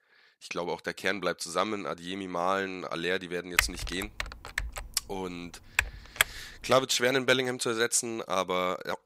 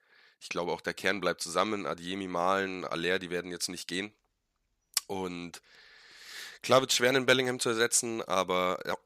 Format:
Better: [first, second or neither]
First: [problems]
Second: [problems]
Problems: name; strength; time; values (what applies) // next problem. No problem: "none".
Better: second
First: keyboard typing; loud; from 3.5 to 6.5 s; peak 2 dB above the speech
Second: none